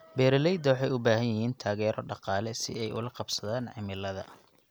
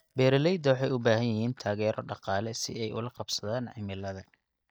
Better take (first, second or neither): first